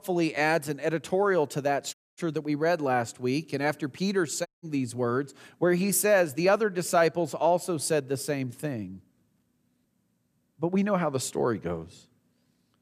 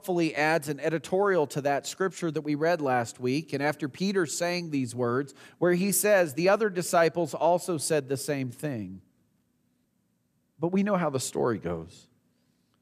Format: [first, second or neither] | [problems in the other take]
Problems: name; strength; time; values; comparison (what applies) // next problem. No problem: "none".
second | audio cutting out; at 2 s and at 4.5 s